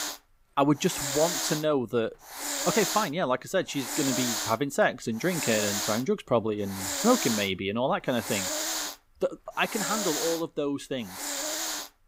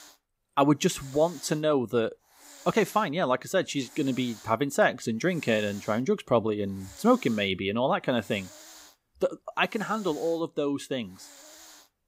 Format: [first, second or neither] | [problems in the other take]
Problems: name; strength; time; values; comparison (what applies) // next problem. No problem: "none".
second | hiss; loud; throughout; 2 dB below the speech; faint in the second